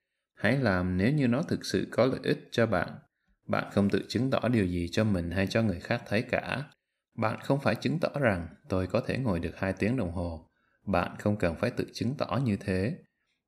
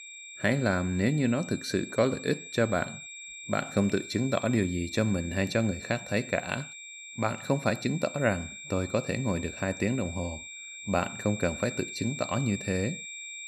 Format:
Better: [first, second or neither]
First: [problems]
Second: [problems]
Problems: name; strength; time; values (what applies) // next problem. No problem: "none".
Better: first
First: none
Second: high-pitched whine; noticeable; throughout; 2.5 kHz, 10 dB below the speech